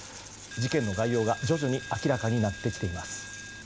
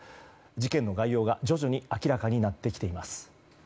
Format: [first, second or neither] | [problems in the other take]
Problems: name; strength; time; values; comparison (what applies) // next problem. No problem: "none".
second | background sound (Coin (dropping)); 11 dB below the speech